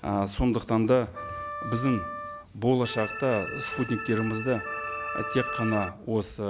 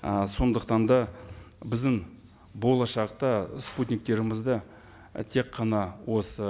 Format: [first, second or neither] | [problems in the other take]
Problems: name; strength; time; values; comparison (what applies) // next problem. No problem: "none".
second | background sound (Organ + Wind instrument, woodwind instrument); 8 dB below the speech